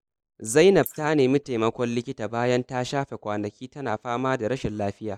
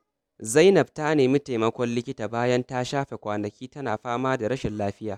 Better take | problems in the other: second | noise reduction (neural mask model Resemble Enhance denoiser)

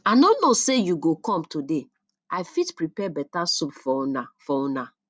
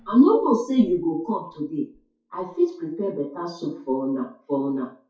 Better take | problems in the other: first | noise reduction (classical method WPE with log-MMSE)

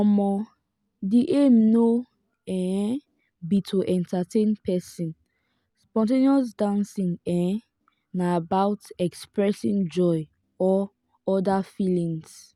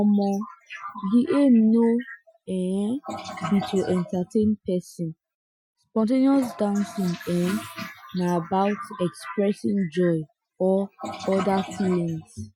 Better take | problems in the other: first | noise reduction (classical method Wiener filter)

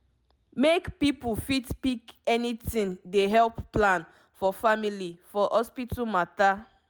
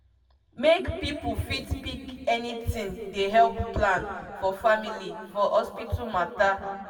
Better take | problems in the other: first | room echo; dies away in 2.1 s

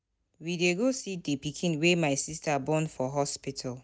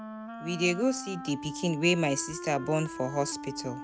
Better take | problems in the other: first | background sound (Wind instrument, woodwind instrument); 10 dB below the speech

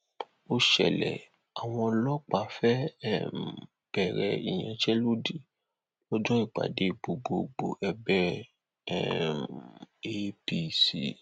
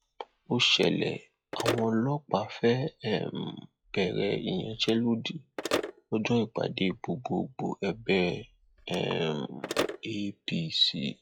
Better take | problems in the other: first | noise reduction (classical method log-MMSE)

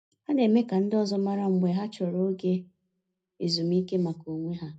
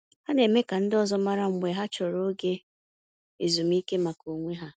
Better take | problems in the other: second | room echo; dies away in 0.4 s

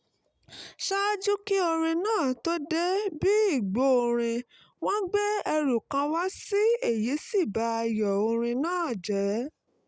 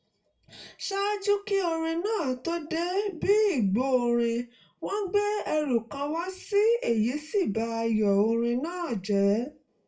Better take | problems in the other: first | room echo; dies away in 0.2 s

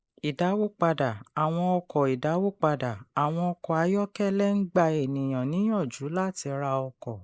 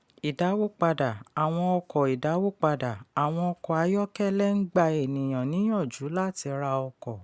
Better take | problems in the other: second | noise reduction (neural mask model Resemble Enhance denoiser)

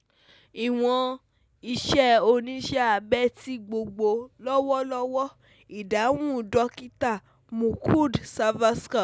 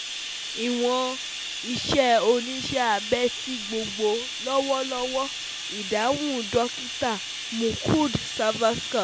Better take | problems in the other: first | background sound (Bathtub (filling or washing)); 7 dB below the speech

